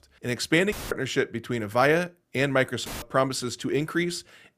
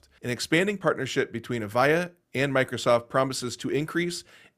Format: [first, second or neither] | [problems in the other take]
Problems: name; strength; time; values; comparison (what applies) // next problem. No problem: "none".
second | audio cutting out; filled with static; at 0.5 s and at 3 s